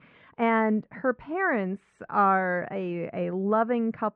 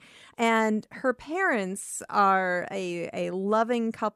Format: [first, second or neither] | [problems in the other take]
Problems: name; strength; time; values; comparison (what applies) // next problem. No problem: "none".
second | muffled; very; fading above 2 kHz